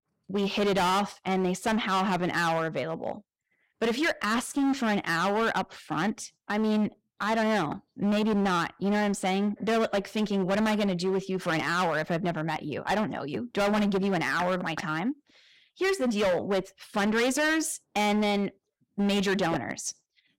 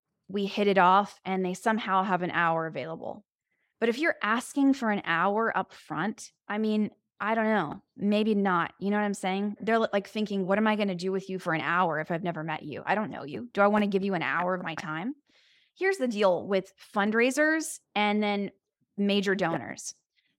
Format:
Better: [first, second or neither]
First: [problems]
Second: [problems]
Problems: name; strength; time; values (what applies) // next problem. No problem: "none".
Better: second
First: distortion; heavy; 17% of the sound clipped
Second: none